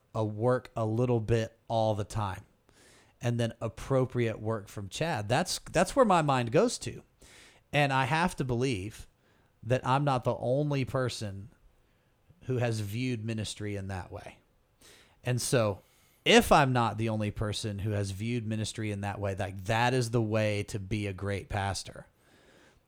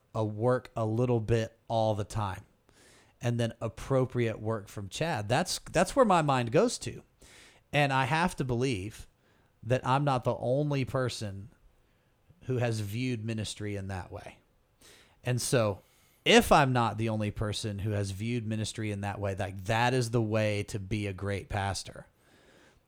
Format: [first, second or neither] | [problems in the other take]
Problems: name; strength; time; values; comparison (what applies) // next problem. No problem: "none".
neither | none